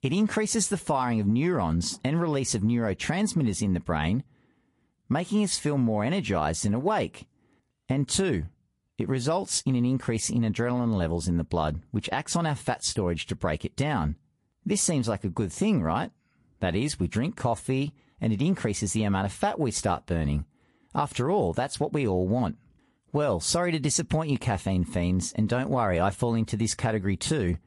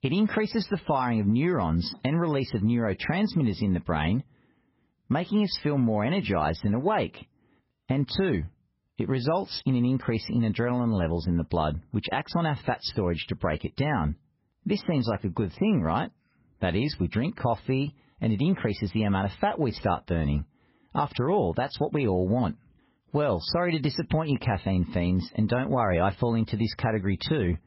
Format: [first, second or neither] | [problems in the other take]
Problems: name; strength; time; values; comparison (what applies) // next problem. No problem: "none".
first | garbled, watery; badly; nothing above 5.5 kHz; slightly in the first